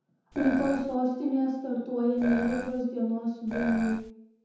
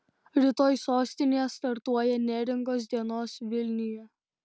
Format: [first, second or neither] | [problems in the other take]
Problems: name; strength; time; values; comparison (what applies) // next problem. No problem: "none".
second | background sound (Burping, eructation); 8 dB below the speech // room echo; dies away in 0.9 s